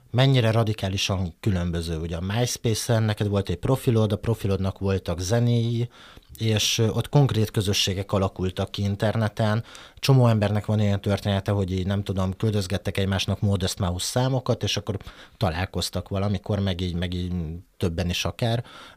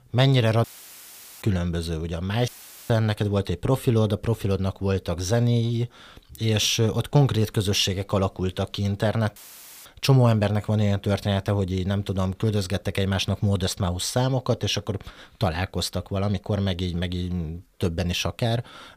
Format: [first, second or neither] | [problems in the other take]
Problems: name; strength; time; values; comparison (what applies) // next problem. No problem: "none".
first | audio cutting out; filled with static; at 0.5 s for 1 s, at 2.5 s and at 9.5 s